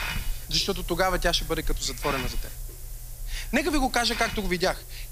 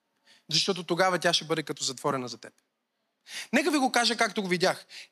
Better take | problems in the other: second | hiss; loud; throughout; 10 dB below the speech

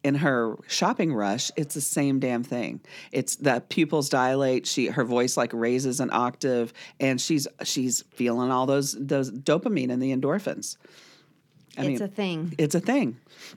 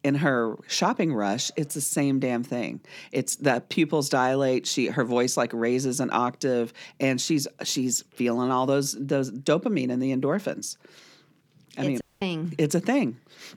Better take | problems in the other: first | audio cutting out; at 12 s

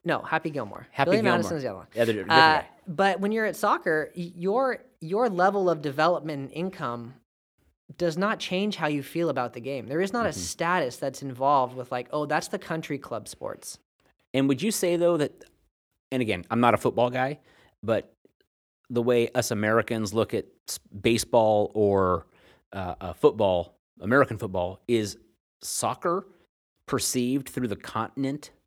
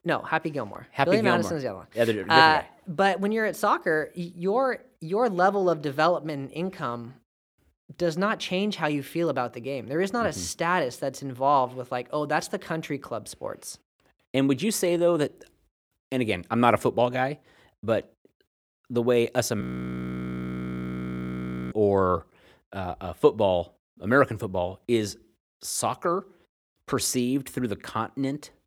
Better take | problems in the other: first | audio freezing; at 20 s for 2 s

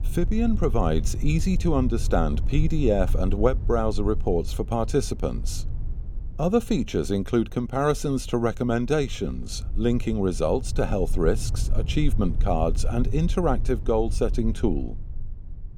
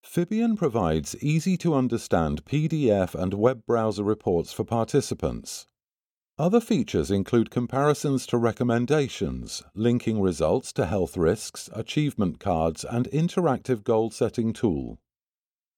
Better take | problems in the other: second | low rumble; faint; throughout; 20 dB below the speech

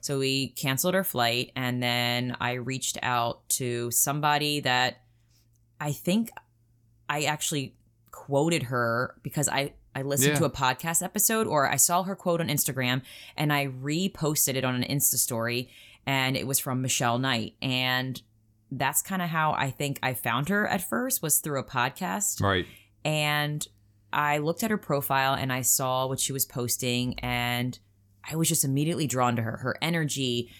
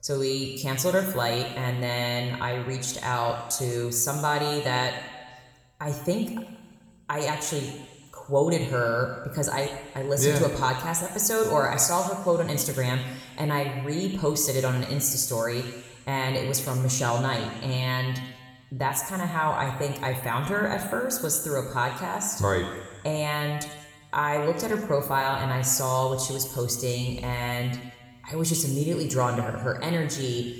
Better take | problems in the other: first | room echo; slight; dies away in 1.3 s

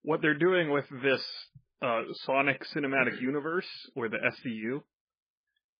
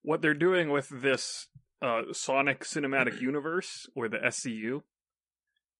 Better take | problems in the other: second | garbled, watery; badly; nothing above 5 kHz; slightly in the second

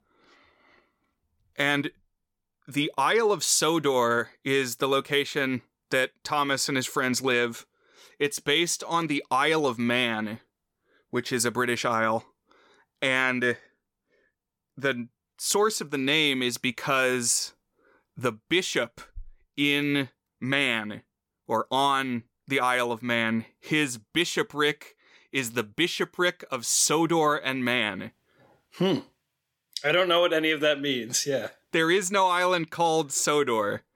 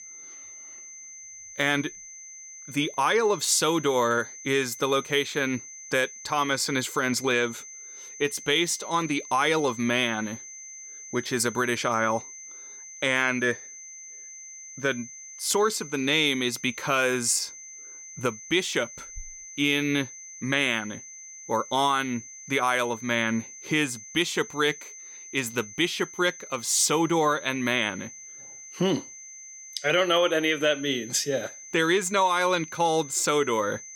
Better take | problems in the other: first | high-pitched whine; noticeable; throughout; 6 kHz, 15 dB below the speech

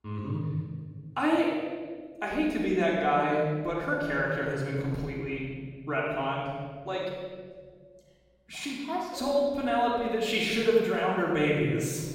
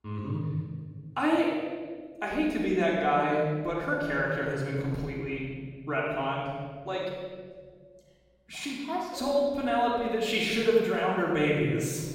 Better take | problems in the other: neither | room echo; noticeable; dies away in 1.6 s; the same in both // off-mic speech; far; the same in both

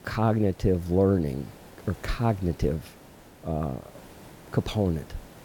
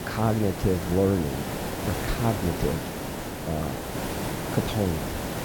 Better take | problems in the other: first | hiss; loud; throughout; 4 dB below the speech; faint in the first

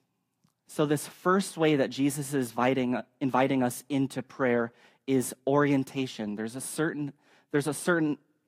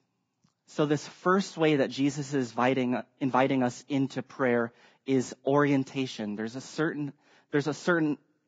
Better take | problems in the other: first | garbled, watery; badly; nothing above 7.5 kHz; slightly in the first

